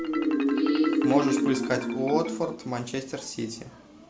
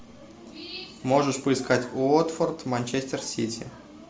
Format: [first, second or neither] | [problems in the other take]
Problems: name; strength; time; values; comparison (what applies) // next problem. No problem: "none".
second | background sound (Marimba, xylophone); 3 dB above the speech